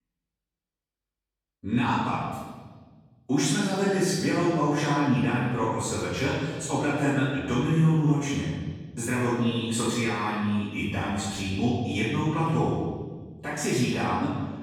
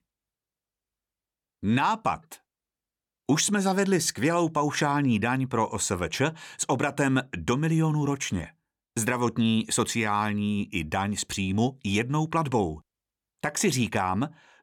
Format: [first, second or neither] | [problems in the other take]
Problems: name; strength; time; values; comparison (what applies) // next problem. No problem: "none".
second | room echo; strong; dies away in 1.5 s // off-mic speech; far